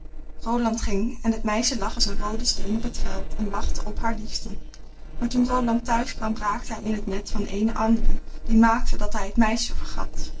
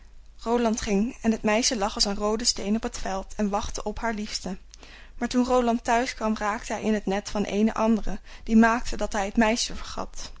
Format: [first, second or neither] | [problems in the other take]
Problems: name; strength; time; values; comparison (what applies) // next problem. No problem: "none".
second | noise reduction (neural separator model SepFormer DNS4)